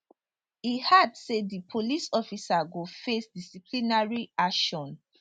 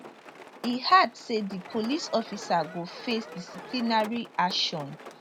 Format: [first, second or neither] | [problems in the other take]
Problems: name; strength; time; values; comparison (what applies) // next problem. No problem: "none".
first | background sound (Rain + Alarm); 15 dB below the speech